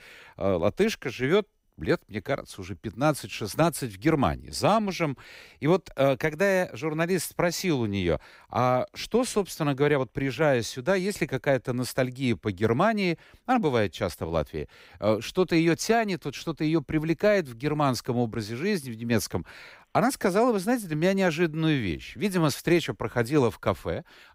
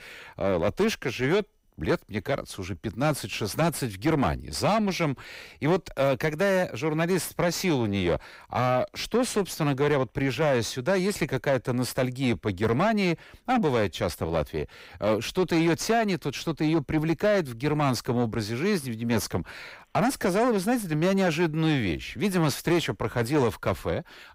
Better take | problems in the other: first | distortion; slight; 10 dB below the speech

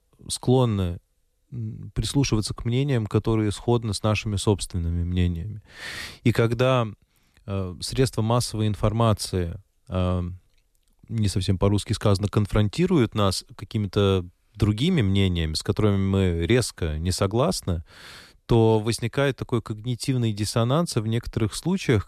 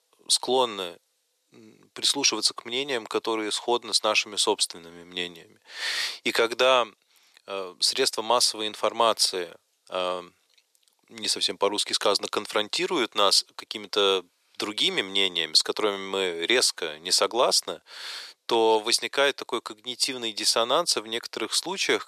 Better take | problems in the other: first | thin; very; fading below 450 Hz

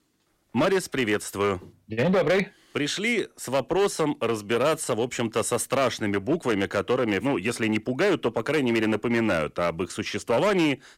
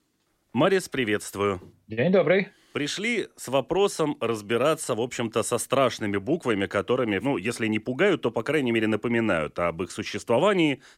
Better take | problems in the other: second | distortion; slight; 8% of the sound clipped

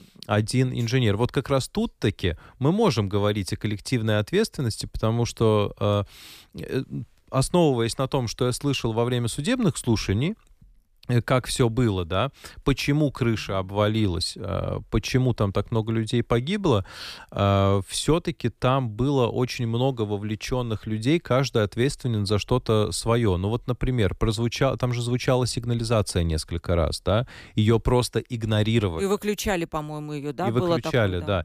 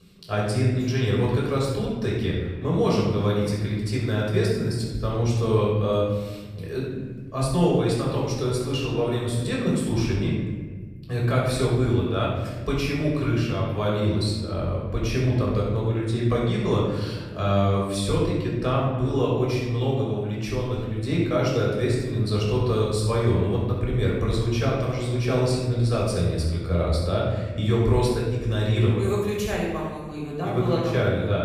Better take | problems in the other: first | off-mic speech; far // room echo; noticeable; dies away in 1.5 s

